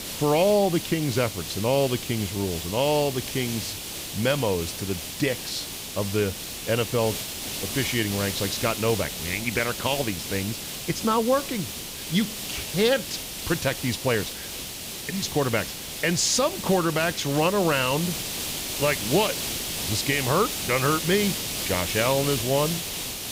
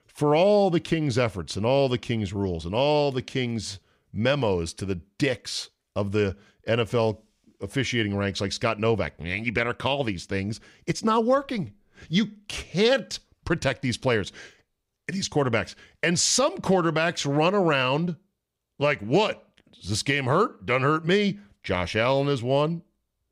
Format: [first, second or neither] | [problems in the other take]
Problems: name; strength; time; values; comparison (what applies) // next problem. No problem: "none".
second | hiss; loud; throughout; 5 dB below the speech